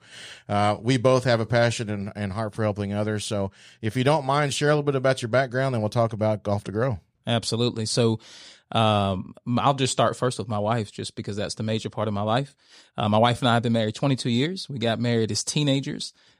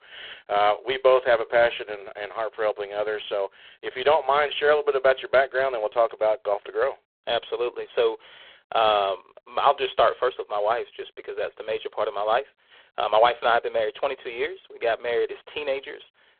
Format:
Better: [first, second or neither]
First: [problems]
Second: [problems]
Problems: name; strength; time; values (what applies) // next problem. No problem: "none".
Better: first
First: none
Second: phone-call audio; poor line